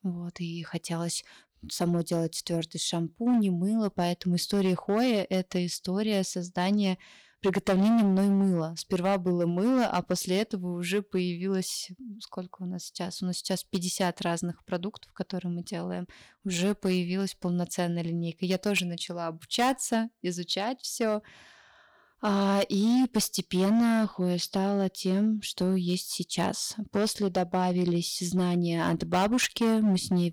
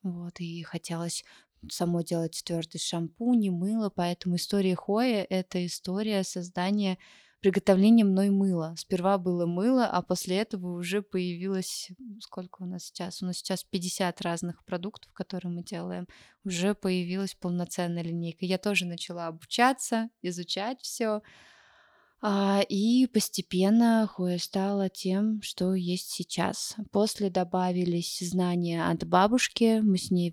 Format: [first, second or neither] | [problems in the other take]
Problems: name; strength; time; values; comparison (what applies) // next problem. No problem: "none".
second | distortion; slight; 6% of the sound clipped